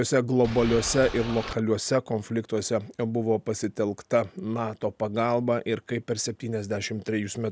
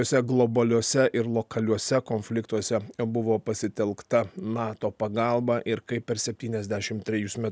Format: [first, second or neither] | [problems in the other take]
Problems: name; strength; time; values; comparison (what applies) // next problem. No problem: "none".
second | background sound (Boat, Water vehicle); 8 dB below the speech